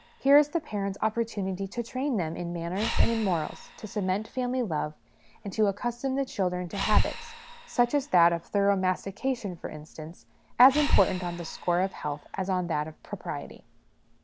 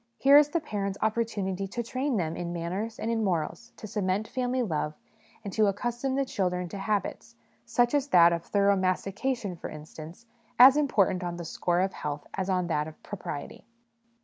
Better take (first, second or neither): second